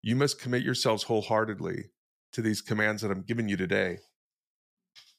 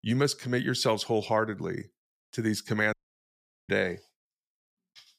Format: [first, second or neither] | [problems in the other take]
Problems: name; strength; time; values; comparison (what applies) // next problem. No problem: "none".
first | audio cutting out; at 3 s for 1 s